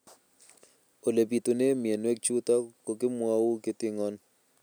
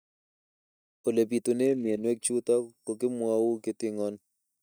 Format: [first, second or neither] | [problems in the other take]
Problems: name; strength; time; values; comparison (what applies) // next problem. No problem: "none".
first | noise reduction (neural mask model DeepFilterNet 3)